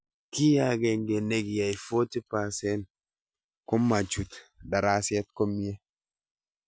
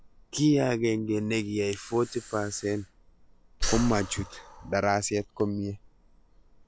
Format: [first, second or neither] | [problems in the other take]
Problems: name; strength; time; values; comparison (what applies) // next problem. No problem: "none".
first | background sound (Breathing); 10 dB below the speech